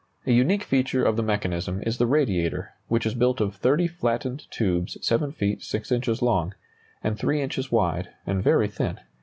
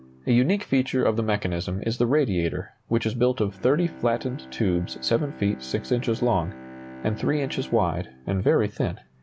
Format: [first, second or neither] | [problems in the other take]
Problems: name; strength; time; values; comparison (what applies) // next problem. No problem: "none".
first | background sound (Bowed string instrument); 19 dB below the speech